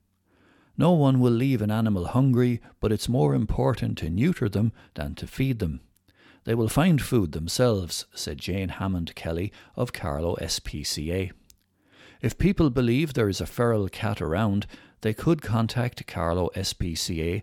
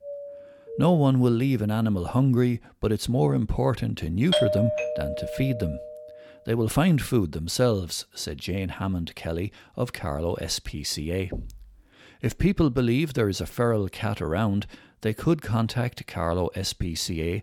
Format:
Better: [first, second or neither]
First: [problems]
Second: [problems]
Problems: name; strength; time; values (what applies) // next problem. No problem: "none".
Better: first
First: none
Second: doorbell; faint; until 1 s; peak 10 dB below the speech // doorbell; loud; from 4.5 to 6 s; peak 3 dB above the speech // door banging; faint; at 11 s; peak 10 dB below the speech